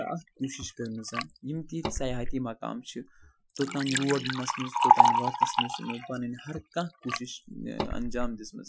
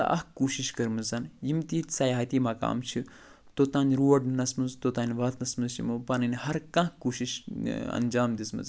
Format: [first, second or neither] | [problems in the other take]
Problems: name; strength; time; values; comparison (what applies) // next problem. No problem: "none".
second | noise reduction (classical method Wiener filter)